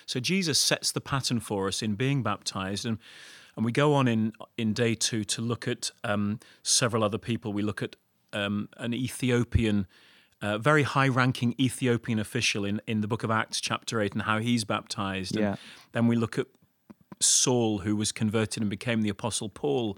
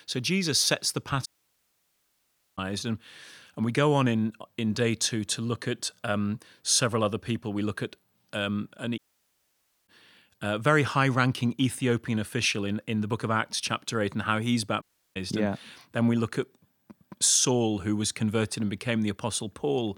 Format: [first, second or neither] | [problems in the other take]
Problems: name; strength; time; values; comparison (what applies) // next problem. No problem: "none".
first | audio cutting out; at 1.5 s for 1.5 s, at 9 s for 1 s and at 15 s